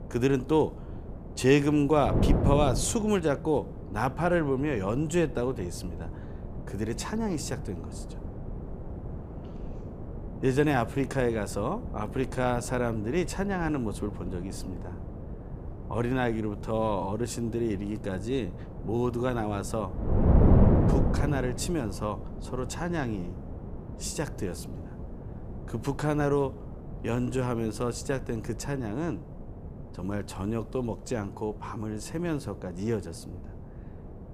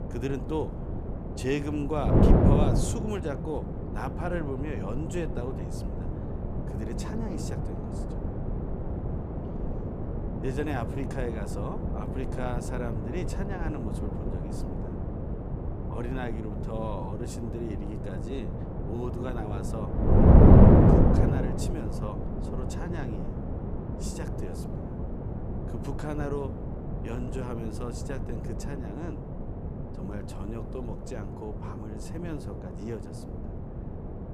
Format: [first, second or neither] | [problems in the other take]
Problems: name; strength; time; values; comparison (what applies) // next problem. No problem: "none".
first | wind noise on the microphone; heavy; 3 dB above the speech; occasional gusts in the first